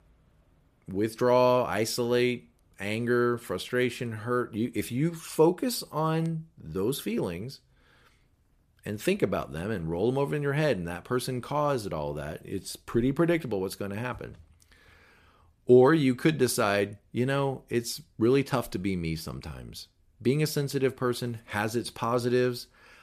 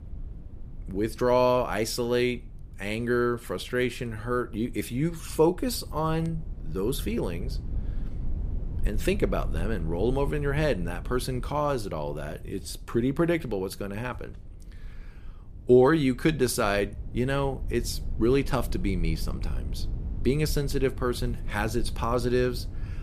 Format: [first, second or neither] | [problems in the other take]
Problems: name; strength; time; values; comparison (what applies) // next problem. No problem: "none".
first | low rumble; faint; throughout; 25 dB below the speech